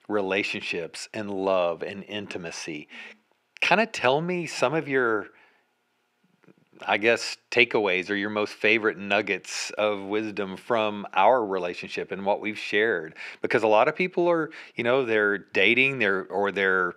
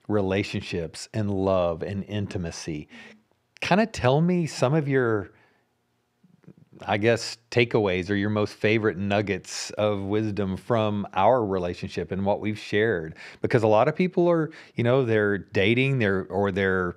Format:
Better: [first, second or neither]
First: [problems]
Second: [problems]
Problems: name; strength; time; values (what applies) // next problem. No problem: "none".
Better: second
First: thin; somewhat; fading below 300 Hz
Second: none